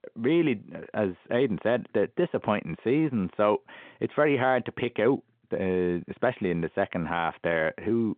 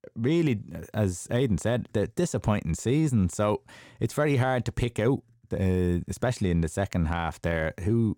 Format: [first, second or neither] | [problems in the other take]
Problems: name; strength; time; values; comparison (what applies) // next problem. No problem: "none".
second | phone-call audio